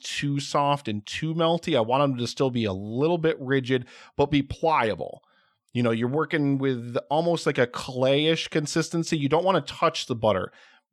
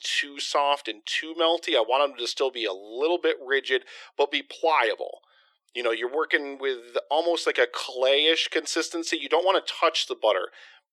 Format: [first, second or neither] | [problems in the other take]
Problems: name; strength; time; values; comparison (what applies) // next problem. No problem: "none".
first | thin; very; fading below 350 Hz